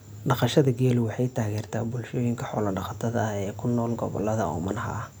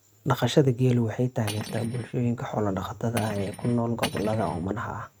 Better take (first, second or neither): first